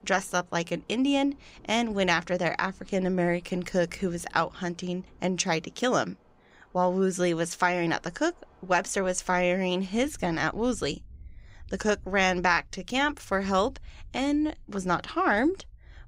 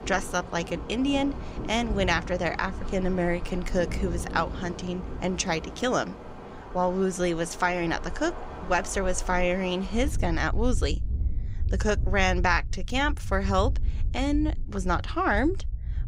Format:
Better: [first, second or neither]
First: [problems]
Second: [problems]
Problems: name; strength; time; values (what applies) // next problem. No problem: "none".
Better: first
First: rain or running water; faint; throughout; 25 dB below the speech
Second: rain or running water; loud; throughout; 7 dB below the speech